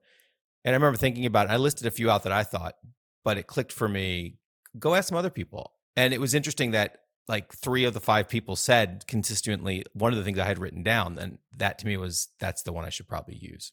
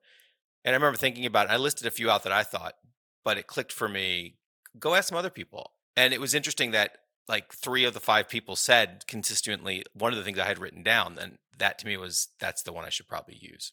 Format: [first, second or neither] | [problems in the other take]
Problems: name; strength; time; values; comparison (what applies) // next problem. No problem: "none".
first | thin; somewhat; fading below 1 kHz